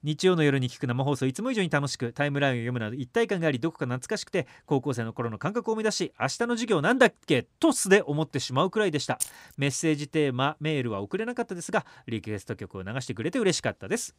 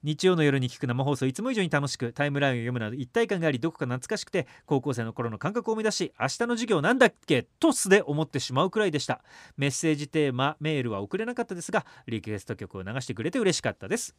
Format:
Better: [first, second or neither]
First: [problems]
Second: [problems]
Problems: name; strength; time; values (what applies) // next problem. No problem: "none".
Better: second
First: jangling keys; noticeable; at 9 s; peak 5 dB below the speech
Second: none